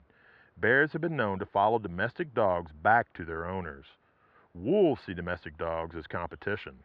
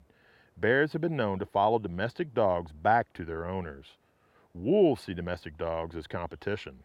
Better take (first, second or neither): second